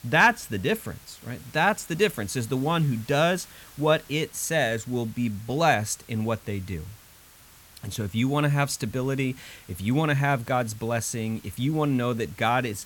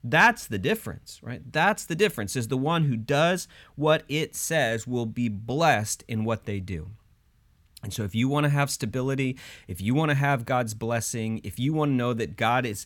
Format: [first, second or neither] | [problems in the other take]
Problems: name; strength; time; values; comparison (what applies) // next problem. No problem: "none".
second | hiss; faint; throughout; 25 dB below the speech